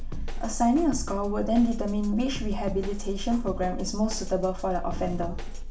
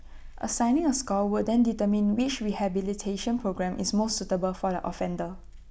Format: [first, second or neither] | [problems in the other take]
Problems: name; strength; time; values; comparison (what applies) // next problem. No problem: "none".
second | background sound (Drum kit); 16 dB below the speech // room echo; dies away in 0.4 s